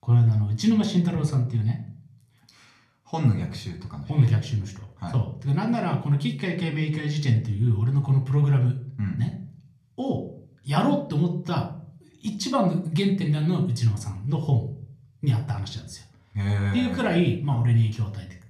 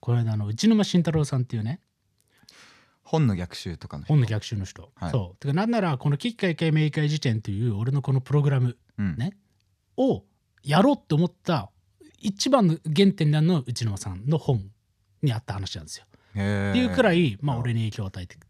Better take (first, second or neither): second